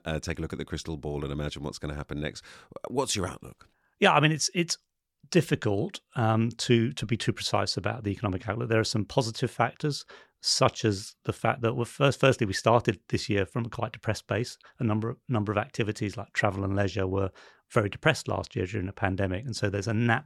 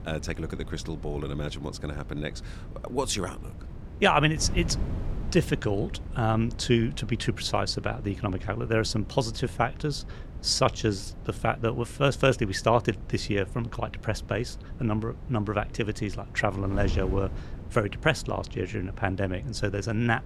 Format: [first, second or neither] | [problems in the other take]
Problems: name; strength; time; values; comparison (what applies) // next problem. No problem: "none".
first | wind noise on the microphone; occasional gusts; 20 dB below the speech